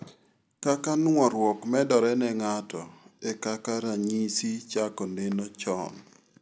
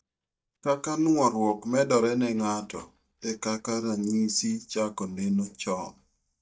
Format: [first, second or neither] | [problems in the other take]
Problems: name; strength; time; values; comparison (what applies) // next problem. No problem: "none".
first | noise reduction (neural mask model DeepFilterNet 3)